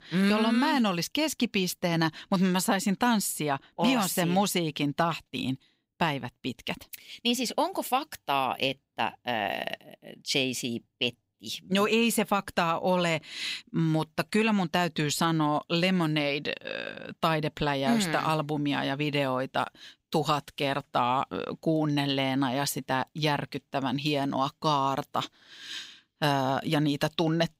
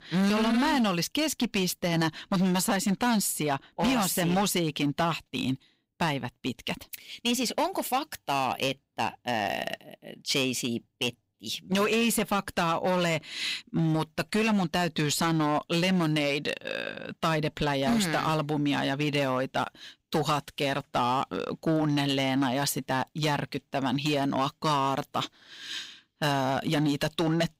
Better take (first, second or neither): first